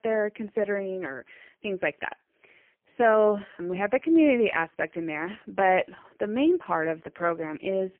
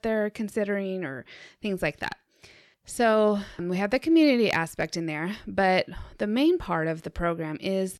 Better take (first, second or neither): second